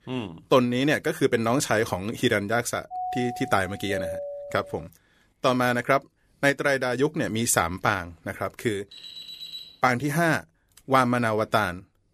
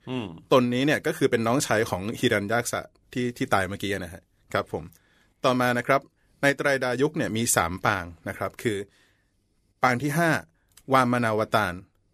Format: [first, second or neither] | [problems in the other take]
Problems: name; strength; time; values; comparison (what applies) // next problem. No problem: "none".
second | doorbell; noticeable; from 3 to 5 s; peak 7 dB below the speech // alarm; faint; at 9 s; peak 10 dB below the speech